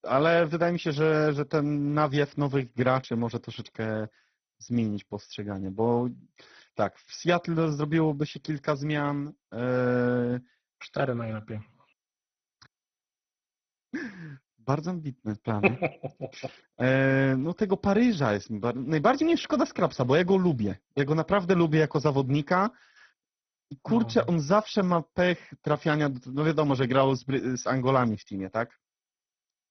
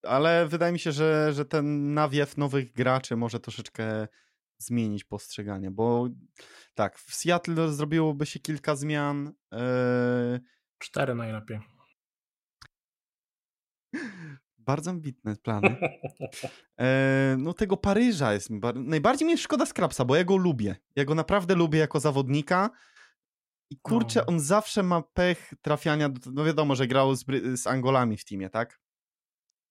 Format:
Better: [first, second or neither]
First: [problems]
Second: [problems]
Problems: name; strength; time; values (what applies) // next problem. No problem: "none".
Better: second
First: garbled, watery; badly; nothing above 6 kHz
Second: none